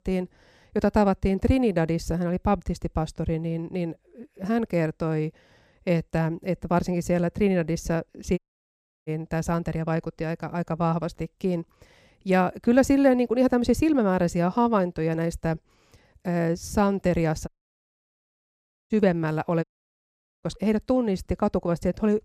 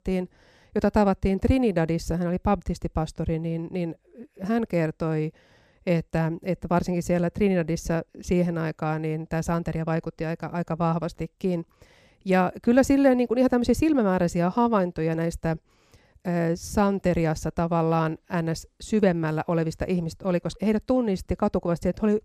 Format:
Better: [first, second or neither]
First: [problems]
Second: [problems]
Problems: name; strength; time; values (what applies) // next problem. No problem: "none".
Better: second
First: audio cutting out; at 8.5 s for 0.5 s, at 17 s for 1.5 s and at 20 s for 1 s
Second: none